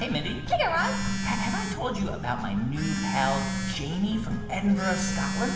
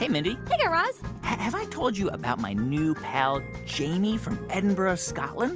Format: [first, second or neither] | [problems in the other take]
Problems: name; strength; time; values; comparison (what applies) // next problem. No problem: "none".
second | background sound (Telephone); 3 dB below the speech // room echo; dies away in 1.2 s